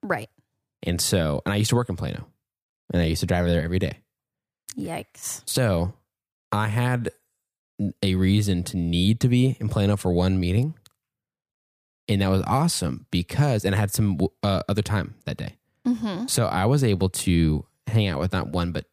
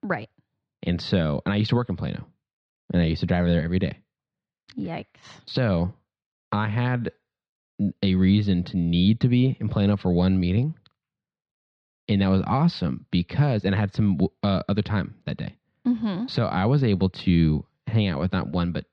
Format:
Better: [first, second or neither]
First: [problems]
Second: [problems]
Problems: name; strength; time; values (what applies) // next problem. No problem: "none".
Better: first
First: none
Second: muffled; very slightly; fading above 4.5 kHz